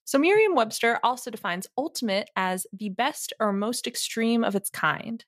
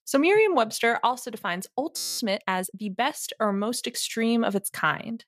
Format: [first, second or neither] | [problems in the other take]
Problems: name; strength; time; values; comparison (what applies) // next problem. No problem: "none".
first | audio freezing; at 2 s